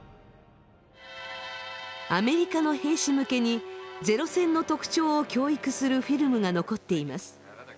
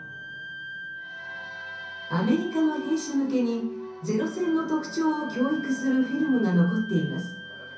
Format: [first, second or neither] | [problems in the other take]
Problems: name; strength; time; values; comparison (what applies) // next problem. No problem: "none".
first | background sound (Wind instrument, woodwind instrument); 13 dB below the speech // room echo; dies away in 0.6 s